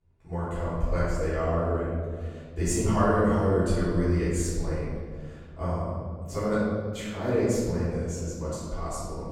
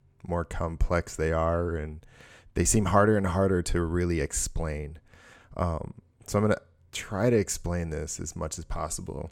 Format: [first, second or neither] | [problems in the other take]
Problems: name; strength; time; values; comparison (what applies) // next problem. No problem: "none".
second | off-mic speech; far // room echo; strong; dies away in 1.8 s